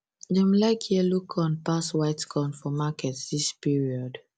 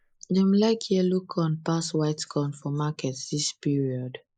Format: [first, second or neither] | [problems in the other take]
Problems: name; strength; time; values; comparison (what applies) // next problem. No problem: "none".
first | noise reduction (neural mask model Resemble Enhance denoiser)